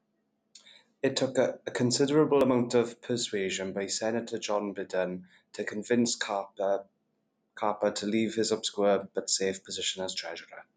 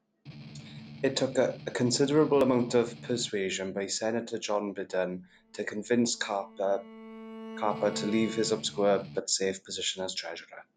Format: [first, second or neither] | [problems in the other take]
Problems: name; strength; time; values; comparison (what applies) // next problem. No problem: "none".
first | background sound (Strum + Bowed string instrument); 13 dB below the speech